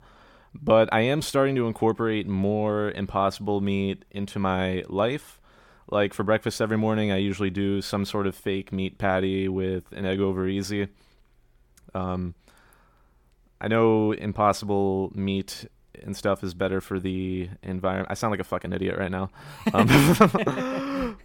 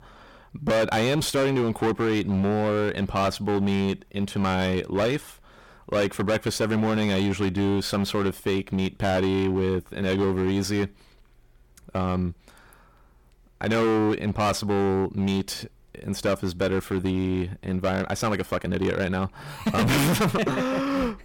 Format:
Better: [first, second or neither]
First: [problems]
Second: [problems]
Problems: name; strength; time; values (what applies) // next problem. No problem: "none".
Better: first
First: none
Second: distortion; heavy; 14% of the sound clipped